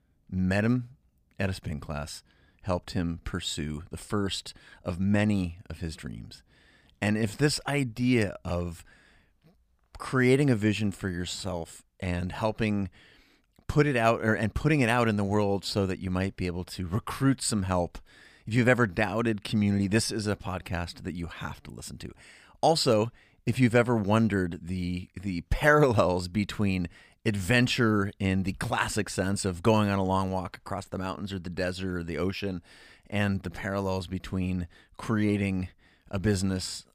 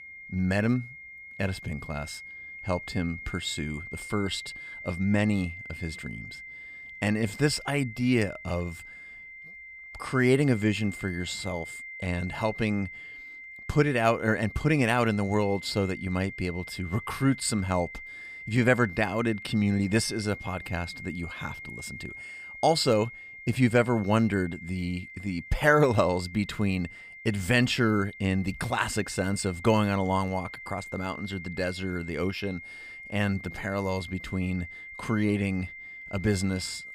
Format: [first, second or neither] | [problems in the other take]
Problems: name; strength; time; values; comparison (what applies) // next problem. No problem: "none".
first | high-pitched whine; noticeable; throughout; 2 kHz, 15 dB below the speech